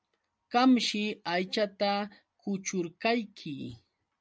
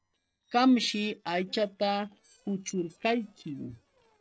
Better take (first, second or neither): first